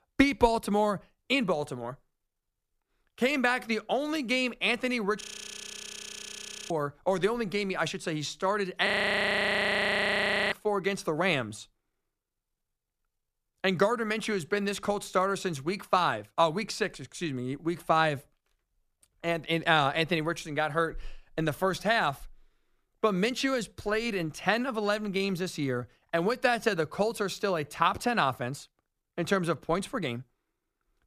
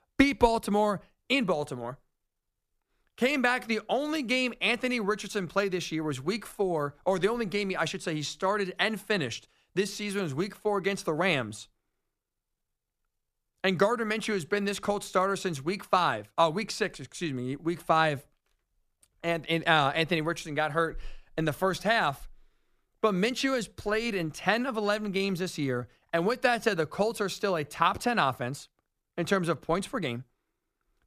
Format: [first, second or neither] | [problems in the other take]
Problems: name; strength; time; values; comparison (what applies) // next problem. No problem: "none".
second | audio freezing; at 5 s for 1.5 s and at 9 s for 1.5 s